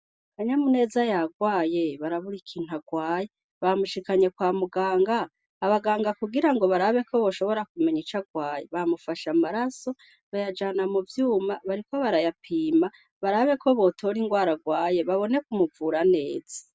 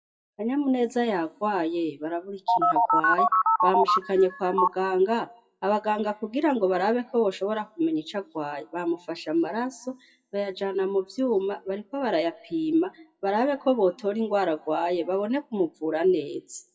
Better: first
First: none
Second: noise reduction (classical method WPE with log-MMSE)

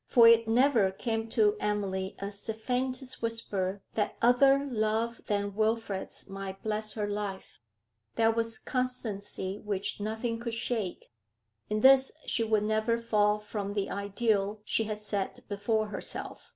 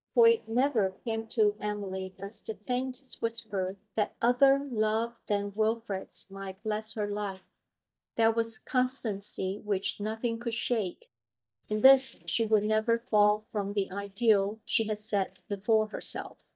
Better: first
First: none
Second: noise reduction (neural mask model DeepFilterNet 3)

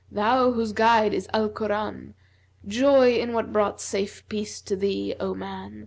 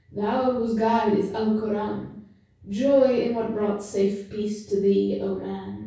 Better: first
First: none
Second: room echo; dies away in 0.6 s

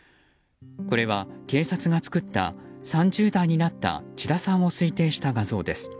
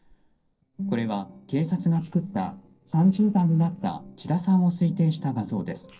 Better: first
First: none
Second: noise reduction (neural separator model SepFormer DNS4)

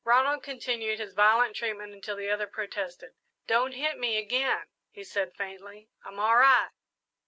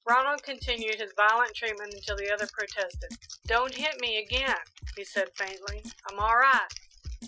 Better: first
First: none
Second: noise reduction (classical method Wiener filter)

